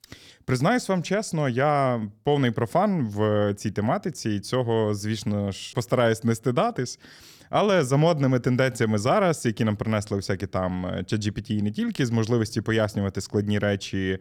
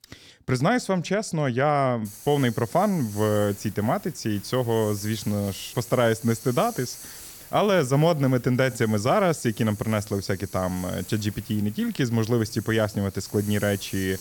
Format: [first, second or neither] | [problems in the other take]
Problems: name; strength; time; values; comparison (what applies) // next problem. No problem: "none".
first | hiss; noticeable; from 2 s on; 15 dB below the speech